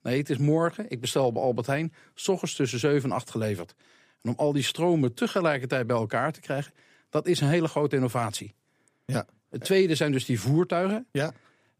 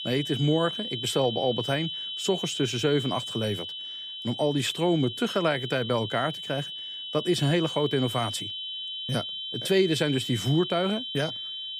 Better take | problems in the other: first | high-pitched whine; loud; throughout; 3 kHz, 5 dB below the speech

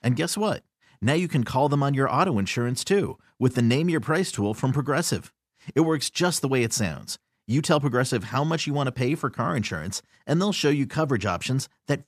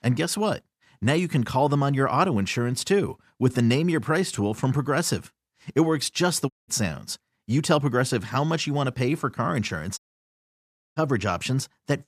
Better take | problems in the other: first | audio cutting out; at 6.5 s and at 10 s for 1 s

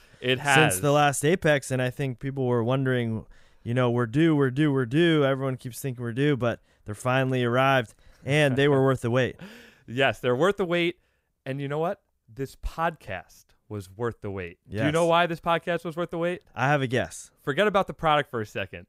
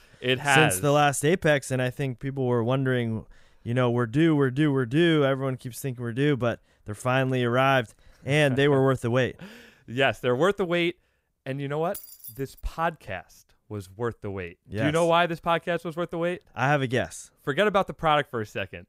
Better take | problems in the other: first | jangling keys; faint; at 12 s; peak 15 dB below the speech

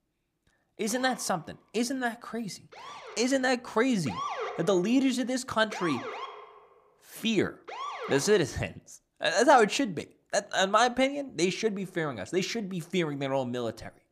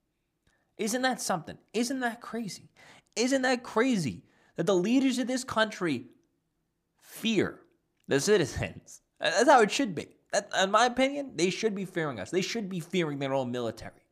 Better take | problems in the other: second | siren; noticeable; from 1 to 8.5 s; peak 5 dB below the speech

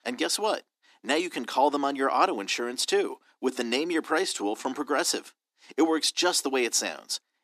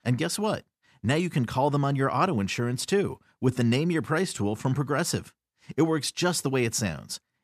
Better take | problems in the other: second | thin; somewhat; fading below 300 Hz

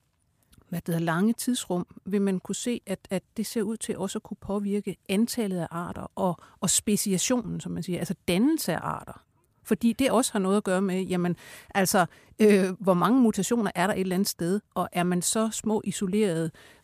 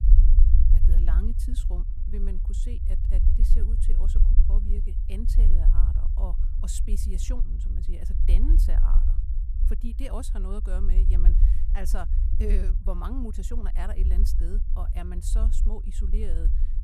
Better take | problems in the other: first | low rumble; loud; throughout; 5 dB below the speech

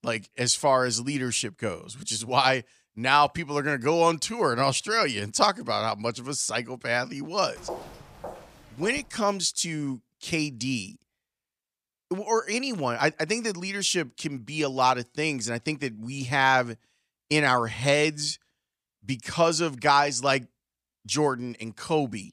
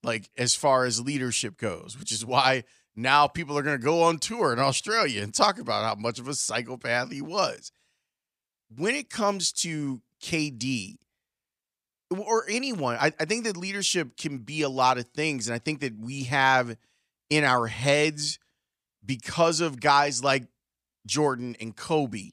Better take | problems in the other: second | footsteps; faint; from 7.5 to 9 s; peak 10 dB below the speech

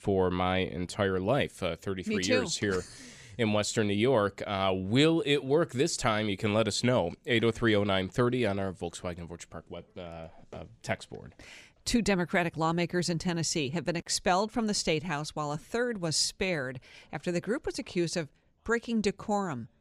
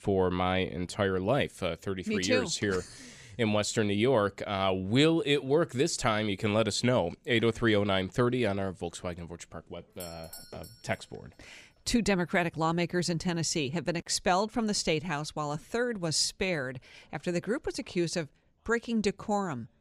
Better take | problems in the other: first | doorbell; faint; at 10 s; peak 15 dB below the speech

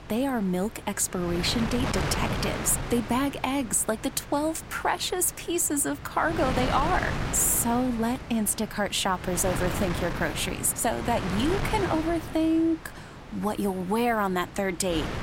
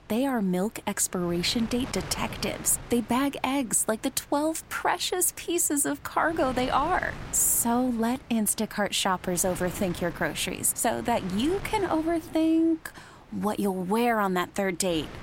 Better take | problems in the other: second | wind noise on the microphone; heavy; 7 dB below the speech; occasional gusts in the second

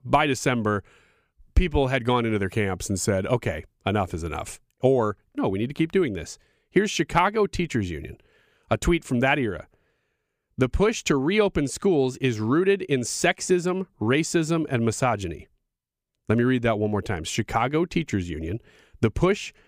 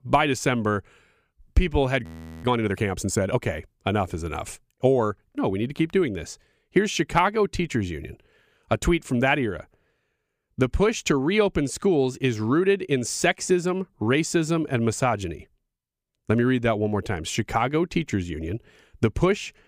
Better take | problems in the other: first | audio freezing; at 2 s

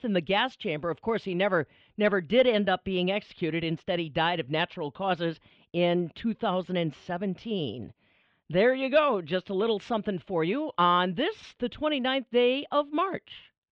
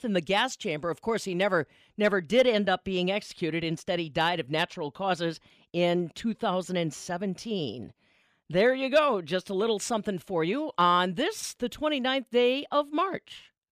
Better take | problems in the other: second | muffled; slightly; fading above 3.5 kHz

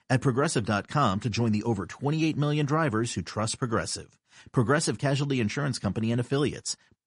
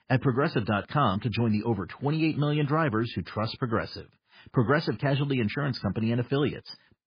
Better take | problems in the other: first | garbled, watery; badly; slightly in the first

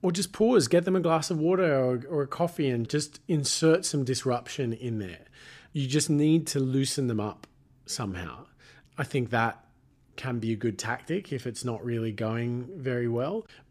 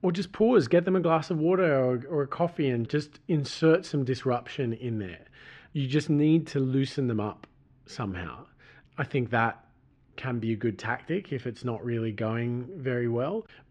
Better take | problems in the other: first | muffled; slightly; fading above 2.5 kHz

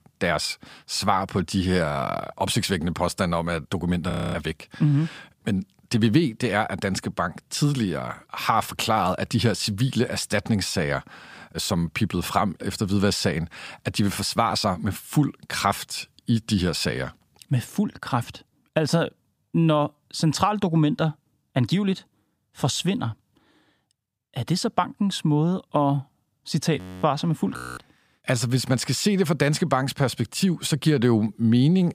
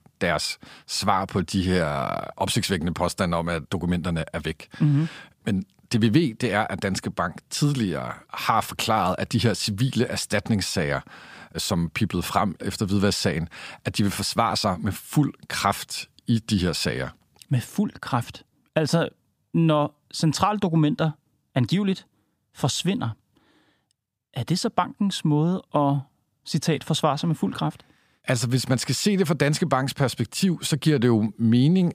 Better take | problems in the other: second | audio freezing; at 4 s, at 27 s and at 28 s

